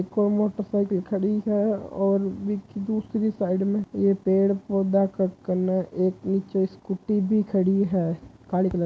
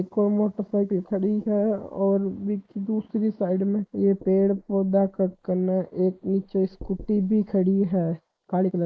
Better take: first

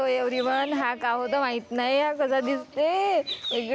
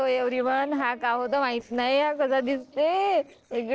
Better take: first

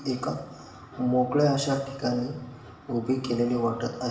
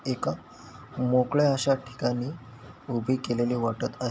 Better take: second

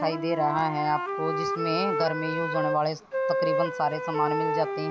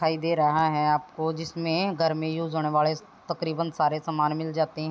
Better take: second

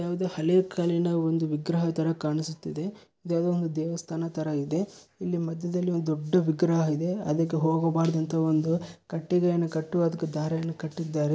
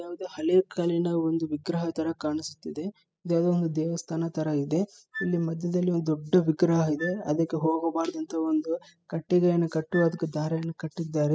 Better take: first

